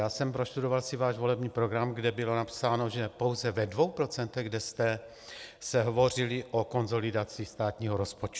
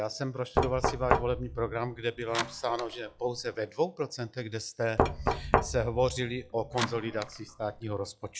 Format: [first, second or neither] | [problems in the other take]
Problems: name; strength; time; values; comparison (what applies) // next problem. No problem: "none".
first | noise reduction (classical method log-MMSE)